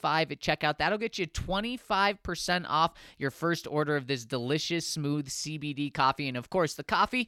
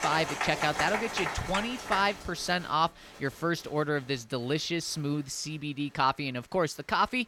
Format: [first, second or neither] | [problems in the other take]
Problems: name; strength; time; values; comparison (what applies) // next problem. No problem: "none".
first | crowd noise; loud; throughout; 4 dB below the speech